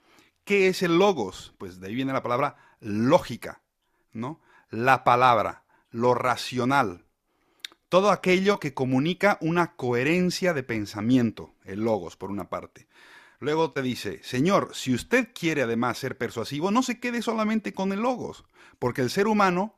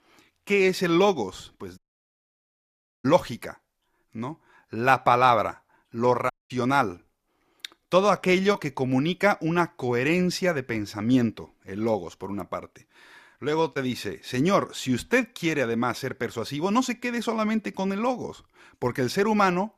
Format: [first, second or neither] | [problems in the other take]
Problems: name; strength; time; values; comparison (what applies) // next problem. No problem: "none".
first | audio cutting out; at 2 s for 1.5 s and at 6.5 s